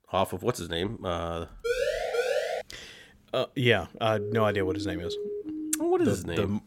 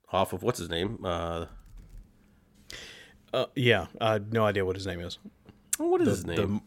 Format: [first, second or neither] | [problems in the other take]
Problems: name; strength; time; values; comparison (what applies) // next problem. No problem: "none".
second | siren; loud; at 1.5 s; peak 1 dB above the speech // siren; noticeable; from 4 to 6 s; peak 6 dB below the speech